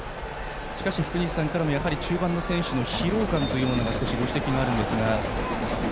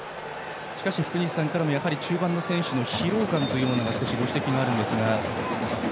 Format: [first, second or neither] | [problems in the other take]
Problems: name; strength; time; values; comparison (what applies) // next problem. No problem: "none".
second | background sound (Brass instrument + Accelerating, revving, vroom); 9 dB below the speech